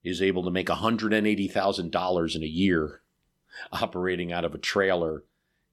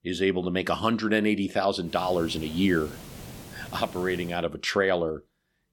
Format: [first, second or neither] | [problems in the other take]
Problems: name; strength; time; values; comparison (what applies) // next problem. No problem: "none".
first | hiss; noticeable; from 2 to 4.5 s; 15 dB below the speech